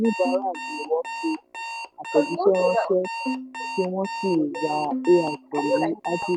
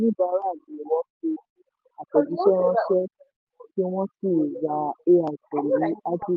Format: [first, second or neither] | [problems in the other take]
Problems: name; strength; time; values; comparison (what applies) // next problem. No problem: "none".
second | background sound (Bowed string instrument + Alarm); 8 dB below the speech